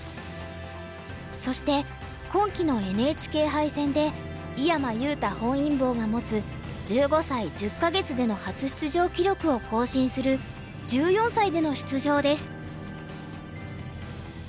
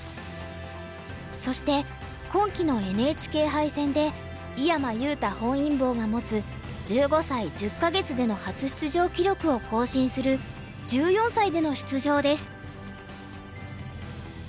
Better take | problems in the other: second | background sound (Bowed string instrument); 18 dB below the speech

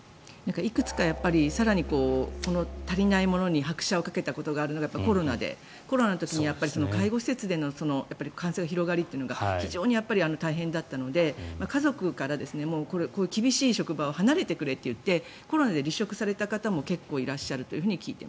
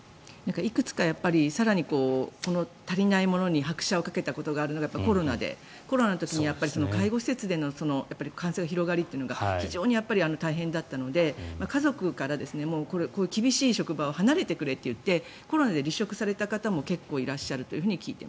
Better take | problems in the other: second | background sound (Musical instrument); 11 dB below the speech

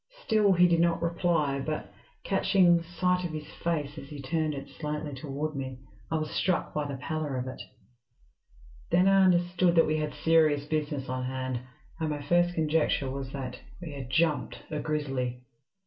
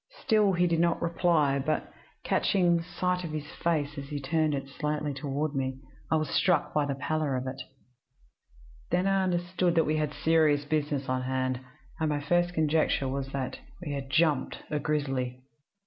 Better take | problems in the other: second | room echo; dies away in 0.2 s

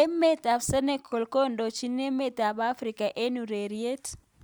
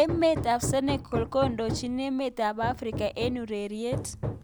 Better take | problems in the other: first | background sound (Hammer); 7 dB below the speech

